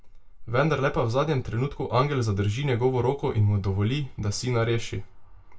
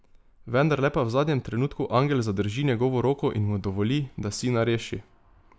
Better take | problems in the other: second | room echo; dies away in 0.2 s

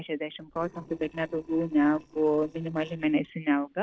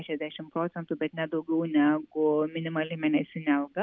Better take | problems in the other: second | noise reduction (neural separator model SepFormer DNS4)

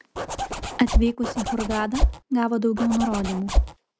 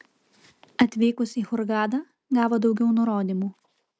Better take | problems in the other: second | background sound (Zipper (clothing)); 1 dB above the speech

